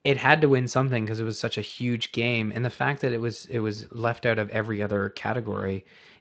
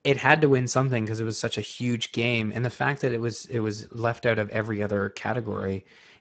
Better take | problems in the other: first | garbled, watery; badly; nothing above 7.5 kHz; slightly in the first

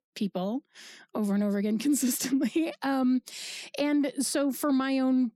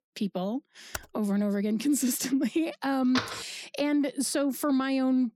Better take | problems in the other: first | keyboard typing; very faint; at 1 s; peak 10 dB below the speech // door banging; noticeable; at 3 s; peak 4 dB below the speech

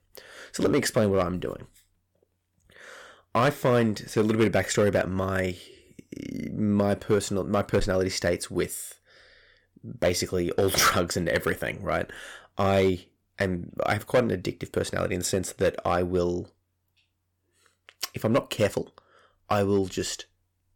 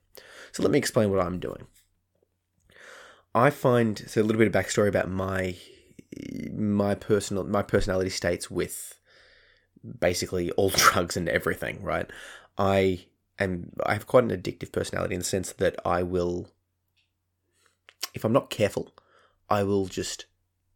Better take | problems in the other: second | distortion; slight; 3% of the sound clipped

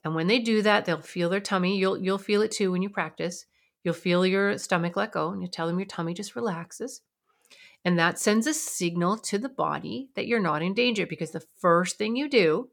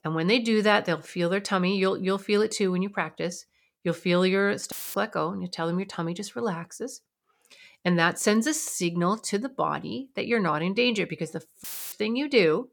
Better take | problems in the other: first | audio cutting out; filled with static; at 4.5 s and at 12 s

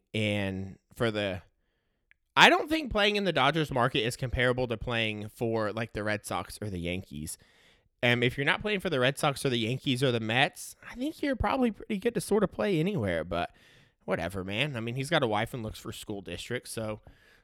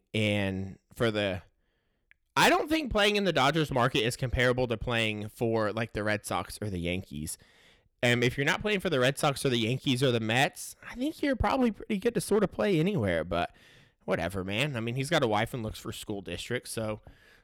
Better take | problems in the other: first | distortion; slight; 1.7% of the sound clipped

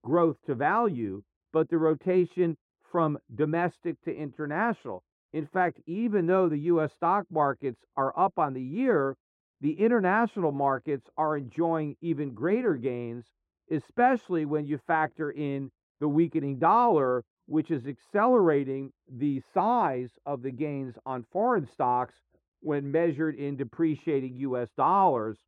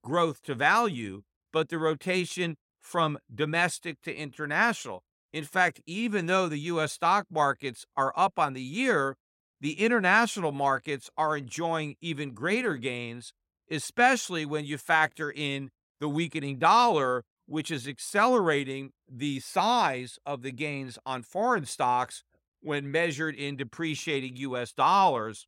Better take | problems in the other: second | muffled; very; fading above 2.5 kHz

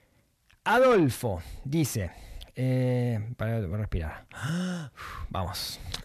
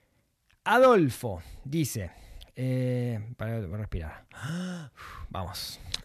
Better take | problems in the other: second | distortion; slight; 10 dB below the speech

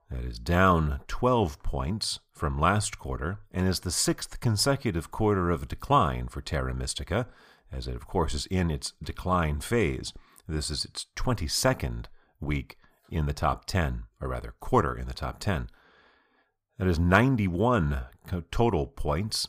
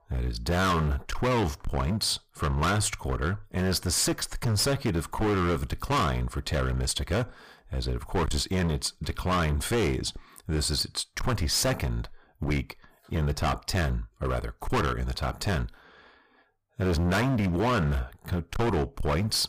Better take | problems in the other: first | distortion; heavy; 20% of the sound clipped

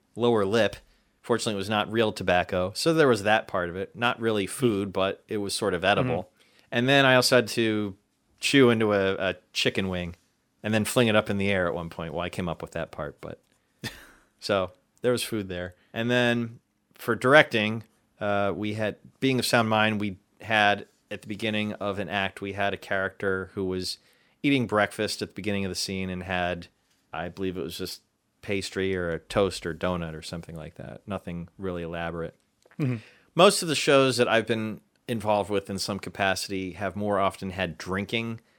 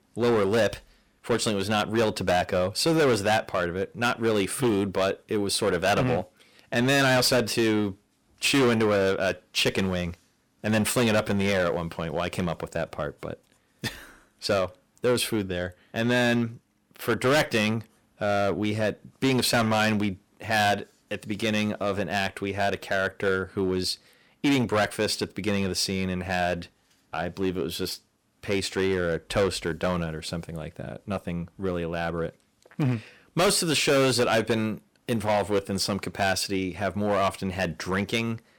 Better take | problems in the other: first | distortion; heavy; 8% of the sound clipped

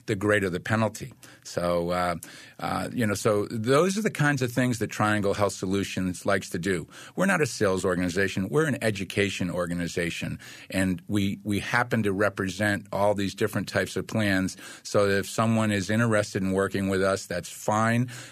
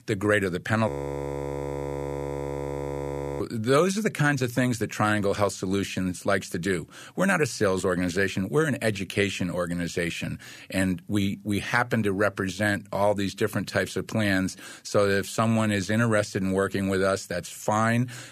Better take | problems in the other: first | audio freezing; at 1 s for 2.5 s

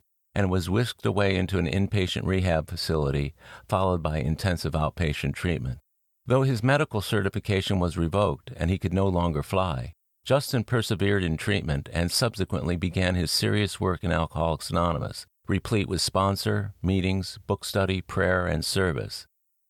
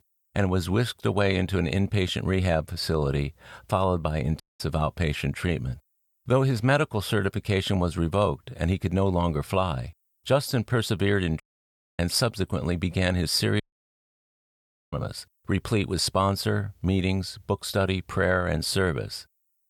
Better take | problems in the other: first | audio cutting out; at 4.5 s, at 11 s for 0.5 s and at 14 s for 1.5 s

